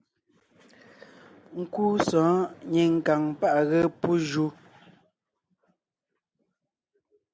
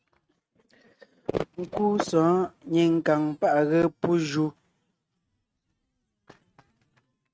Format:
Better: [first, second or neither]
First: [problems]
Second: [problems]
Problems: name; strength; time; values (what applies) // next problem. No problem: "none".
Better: first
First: none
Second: noise reduction (neural mask model RNNoise)